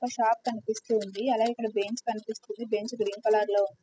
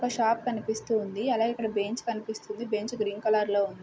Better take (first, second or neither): second